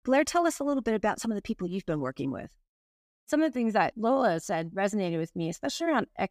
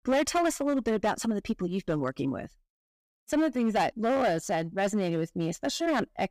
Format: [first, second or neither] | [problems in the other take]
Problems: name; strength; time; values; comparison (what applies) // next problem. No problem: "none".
first | distortion; slight; 7% of the sound clipped